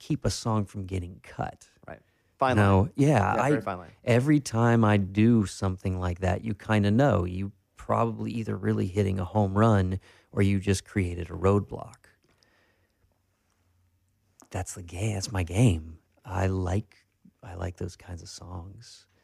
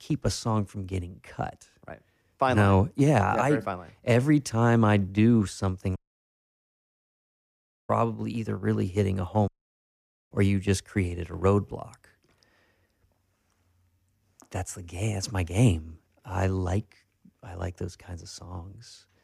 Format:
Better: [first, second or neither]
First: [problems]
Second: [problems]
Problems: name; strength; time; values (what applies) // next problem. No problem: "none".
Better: first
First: none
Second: audio cutting out; at 6 s for 2 s and at 9.5 s for 1 s